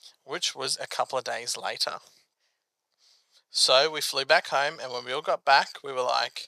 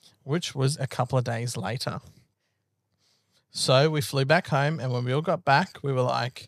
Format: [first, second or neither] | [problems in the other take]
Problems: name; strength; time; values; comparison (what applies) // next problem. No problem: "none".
second | thin; very; fading below 650 Hz